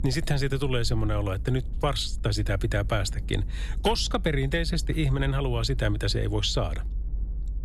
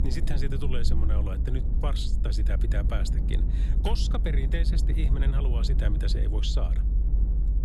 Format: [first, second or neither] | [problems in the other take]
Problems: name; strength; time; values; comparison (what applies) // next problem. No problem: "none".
first | low rumble; loud; throughout; 7 dB below the speech; faint in the first